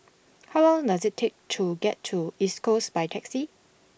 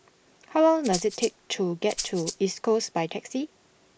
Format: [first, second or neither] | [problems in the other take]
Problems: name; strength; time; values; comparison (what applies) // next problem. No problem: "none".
first | background sound (Rattle (instrument)); 10 dB below the speech